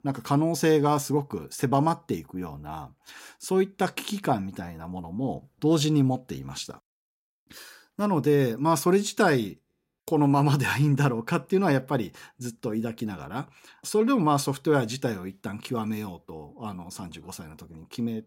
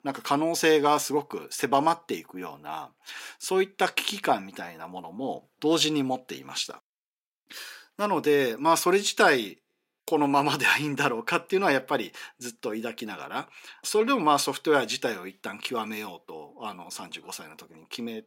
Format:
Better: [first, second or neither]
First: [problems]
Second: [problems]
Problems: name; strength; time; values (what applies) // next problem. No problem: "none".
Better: first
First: none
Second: thin; somewhat; fading below 350 Hz